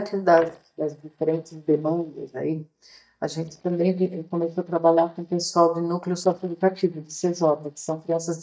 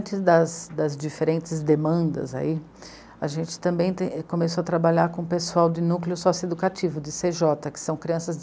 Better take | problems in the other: second | noise reduction (neural mask model DeepFilterNet 3)

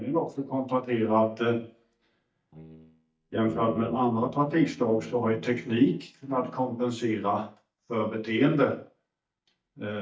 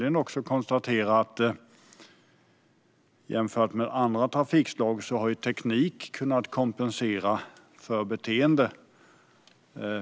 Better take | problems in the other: second | noise reduction (neural mask model DeepFilterNet 3)

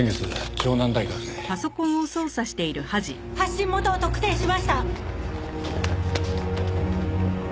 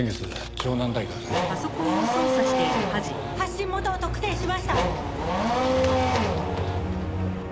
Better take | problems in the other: first | background sound (Race car, auto racing / Accelerating, revving, vroom); 2 dB above the speech

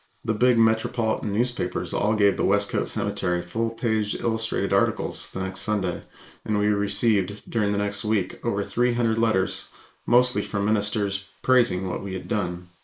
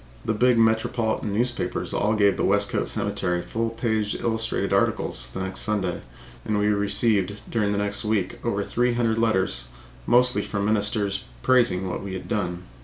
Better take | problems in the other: second | noise reduction (neural mask model Resemble Enhance denoiser)

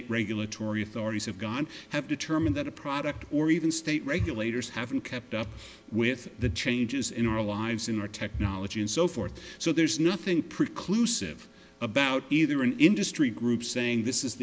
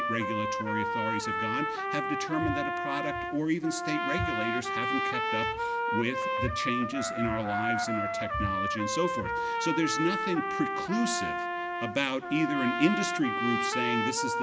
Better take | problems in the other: first | background sound (Trumpet); 1 dB above the speech

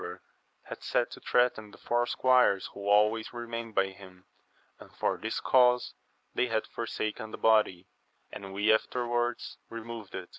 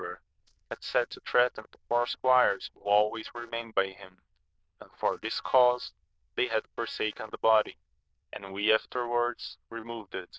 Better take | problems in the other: first | noise reduction (neural diffusion model UNIVERSE++)

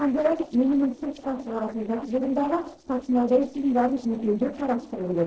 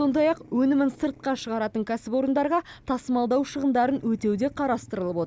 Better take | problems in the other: second | noise reduction (neural separator model SepFormer DNS4)

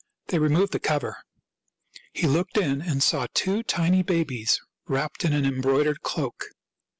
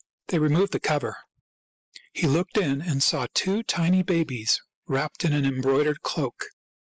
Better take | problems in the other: first | noise reduction (neural mask model Resemble Enhance denoiser)

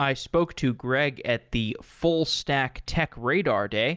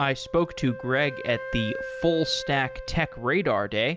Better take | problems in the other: first | background sound (Wind instrument, woodwind instrument); 12 dB below the speech

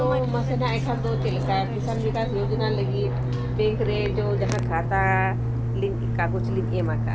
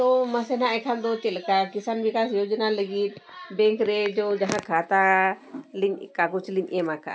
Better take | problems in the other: second | background sound (Fixed-wing aircraft, airplane); 2 dB above the speech

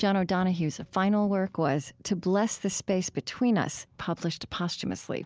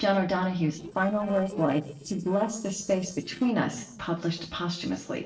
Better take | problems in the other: first | noise reduction (neural separator model SepFormer DNS4)

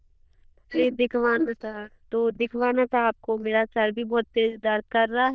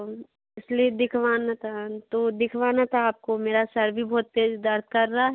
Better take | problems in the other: second | noise reduction (neural diffusion model UNIVERSE++)

